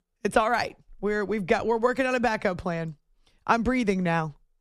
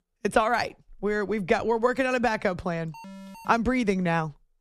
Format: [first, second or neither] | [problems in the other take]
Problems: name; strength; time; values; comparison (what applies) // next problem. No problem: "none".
first | alarm; faint; at 3 s; peak 15 dB below the speech